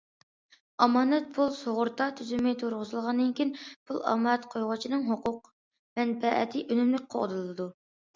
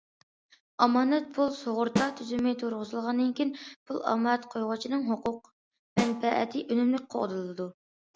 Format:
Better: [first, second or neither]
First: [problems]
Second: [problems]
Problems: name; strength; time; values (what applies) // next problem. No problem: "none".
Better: first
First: none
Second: background sound (Snare drum); 6 dB below the speech